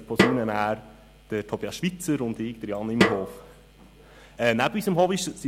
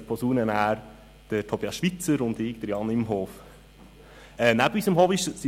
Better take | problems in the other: second | background sound (Snare drum); 1 dB below the speech

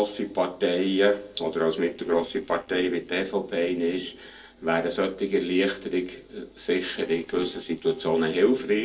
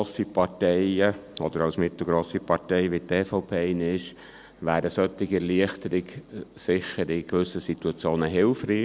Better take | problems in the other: second | noise reduction (neural separator model SepFormer DNS4)

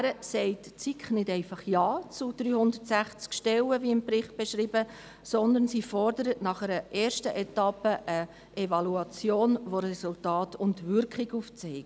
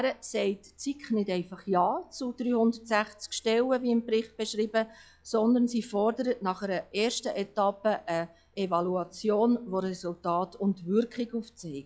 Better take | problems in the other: first | noise reduction (classical method log-MMSE)

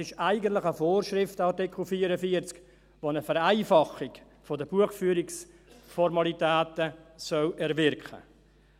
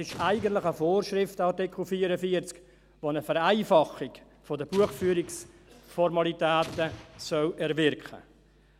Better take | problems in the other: first | background sound (Explosion); 18 dB below the speech

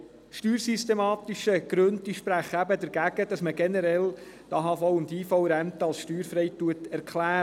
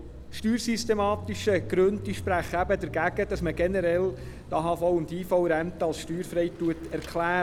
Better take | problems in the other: first | background sound (Mechanisms / Bicycle); 12 dB below the speech

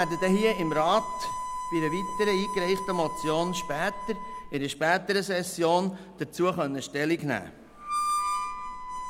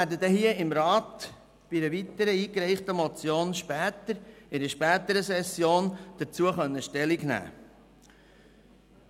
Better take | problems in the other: second | background sound (Harmonica); 7 dB below the speech

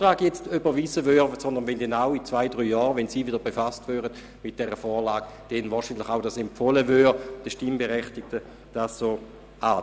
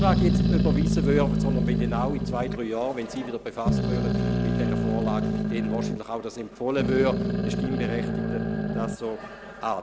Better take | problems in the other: first | background sound (Growling); 4 dB above the speech

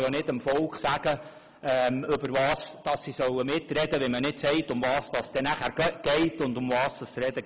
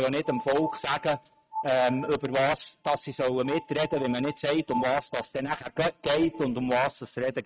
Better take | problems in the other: first | noise reduction (neural mask model RNNoise)

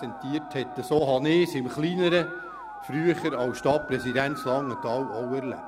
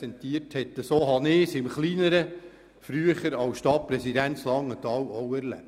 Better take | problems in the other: second | background sound (Musical instrument); 12 dB below the speech

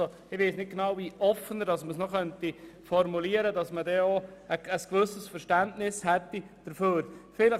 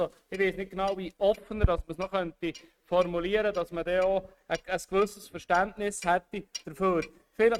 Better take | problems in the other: first | noise reduction (neural mask model RNNoise)

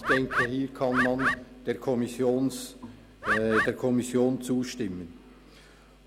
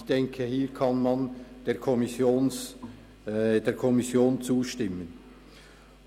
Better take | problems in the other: second | background sound (Bird); as loud as the speech

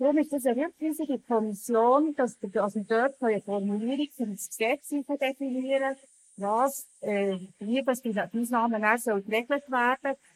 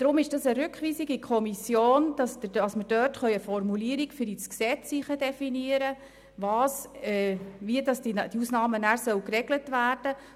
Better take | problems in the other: second | noise reduction (neural mask model Resemble Enhance denoiser)

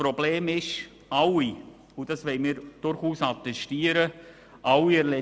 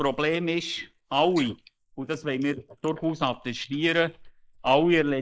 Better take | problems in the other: first | noise reduction (neural mask model Resemble Enhance denoiser)

